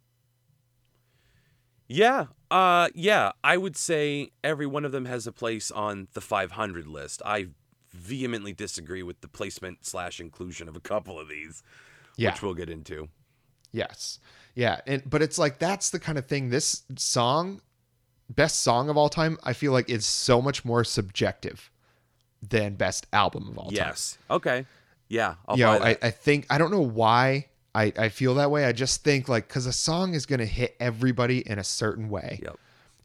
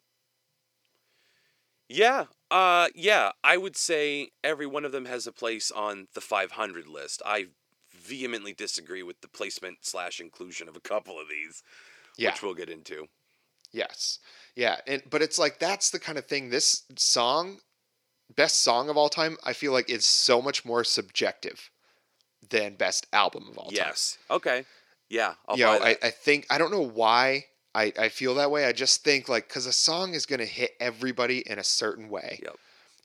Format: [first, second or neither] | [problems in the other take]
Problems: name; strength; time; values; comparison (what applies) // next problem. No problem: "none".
first | thin; somewhat; fading below 400 Hz